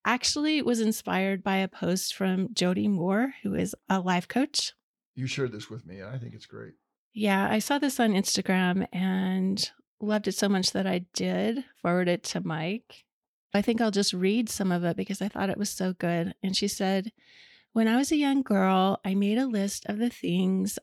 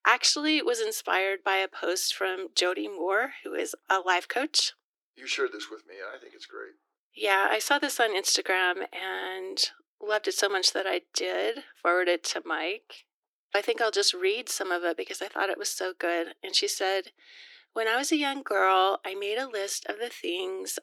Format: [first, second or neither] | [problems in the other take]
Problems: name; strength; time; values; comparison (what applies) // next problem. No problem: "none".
first | thin; very; fading below 300 Hz